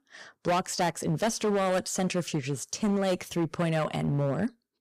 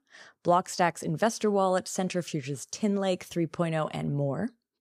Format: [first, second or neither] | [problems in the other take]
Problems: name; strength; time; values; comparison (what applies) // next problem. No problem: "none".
second | distortion; heavy; 11% of the sound clipped